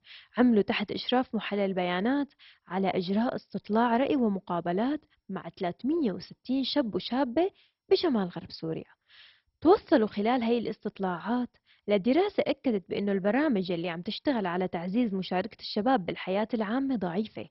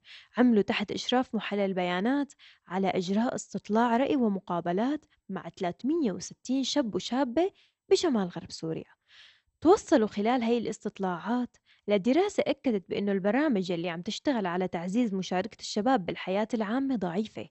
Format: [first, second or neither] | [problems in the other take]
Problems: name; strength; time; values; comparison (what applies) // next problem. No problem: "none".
second | garbled, watery; badly; nothing above 5.5 kHz; slightly in the second